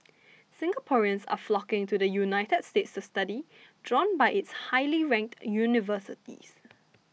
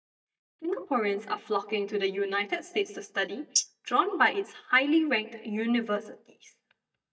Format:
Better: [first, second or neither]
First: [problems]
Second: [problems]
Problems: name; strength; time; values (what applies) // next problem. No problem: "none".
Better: first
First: none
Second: noise reduction (neural mask model DeepFilterNet 3)